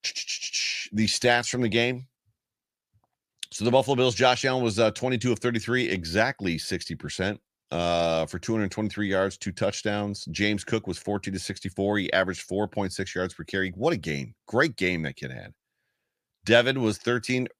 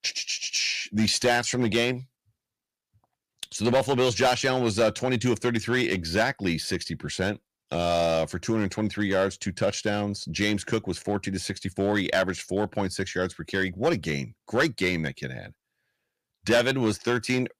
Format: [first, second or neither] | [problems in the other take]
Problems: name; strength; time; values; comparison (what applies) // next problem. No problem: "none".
first | distortion; slight; 3% of the sound clipped